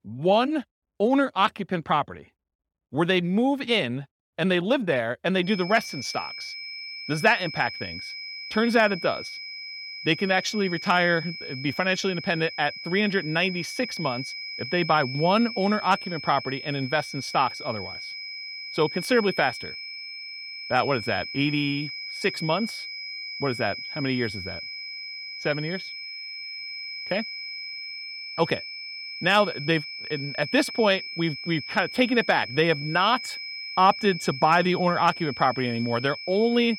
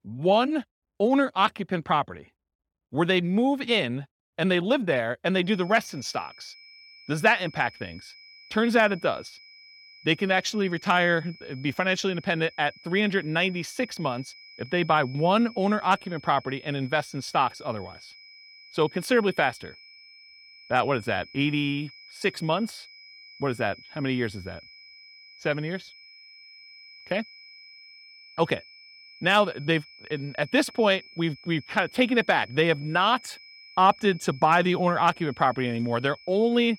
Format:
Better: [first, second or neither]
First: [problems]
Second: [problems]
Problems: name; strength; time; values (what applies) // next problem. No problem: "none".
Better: second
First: high-pitched whine; loud; from 5.5 s on; 2.5 kHz, 9 dB below the speech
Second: high-pitched whine; faint; from 5.5 s on; 2.5 kHz, 20 dB below the speech